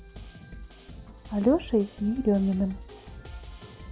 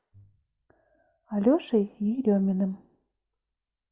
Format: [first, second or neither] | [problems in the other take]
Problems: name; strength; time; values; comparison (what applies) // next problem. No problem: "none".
second | background sound (Drum kit); 14 dB below the speech